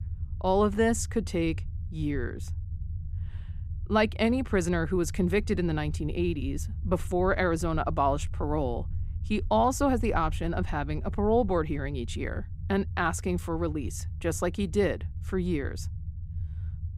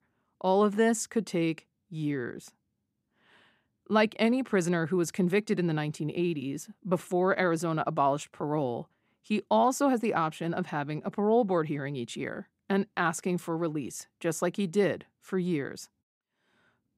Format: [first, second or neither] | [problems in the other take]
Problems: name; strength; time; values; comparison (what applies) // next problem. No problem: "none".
second | low rumble; faint; throughout; 25 dB below the speech